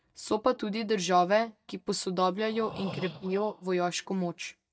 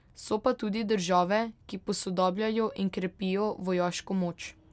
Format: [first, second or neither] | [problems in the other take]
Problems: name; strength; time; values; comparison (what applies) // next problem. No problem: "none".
second | noise reduction (neural mask model DeepFilterNet 3)